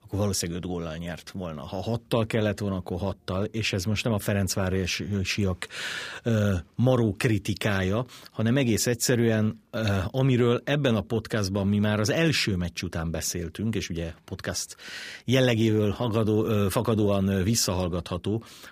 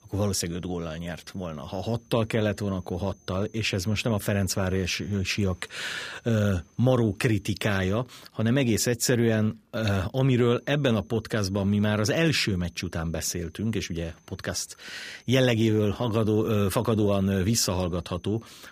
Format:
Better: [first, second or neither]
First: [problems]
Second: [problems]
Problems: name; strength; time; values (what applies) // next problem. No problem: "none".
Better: first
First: none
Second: high-pitched whine; faint; until 8 s and from 10 s on; 6 kHz, 35 dB below the speech